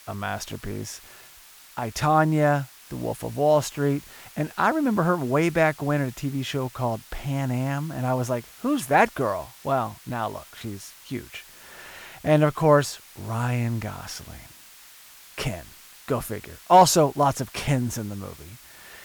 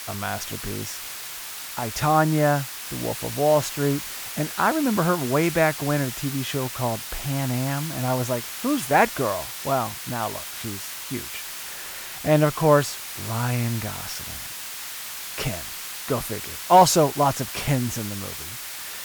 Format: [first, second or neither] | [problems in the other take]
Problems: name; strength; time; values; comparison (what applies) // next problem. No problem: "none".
first | hiss; loud; throughout; 8 dB below the speech; faint in the first